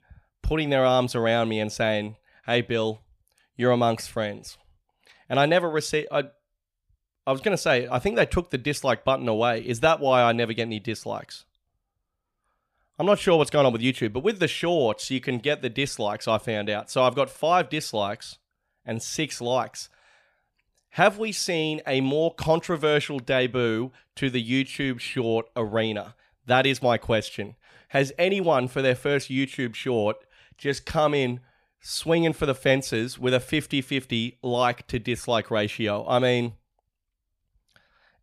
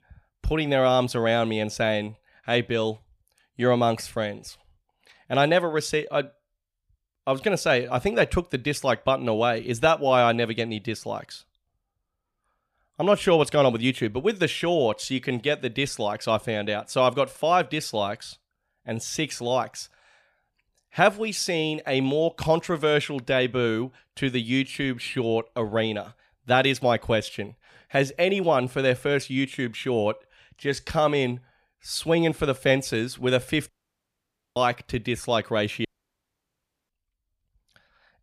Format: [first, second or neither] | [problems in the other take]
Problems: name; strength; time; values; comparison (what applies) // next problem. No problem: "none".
first | audio cutting out; at 34 s for 1 s and at 36 s for 1 s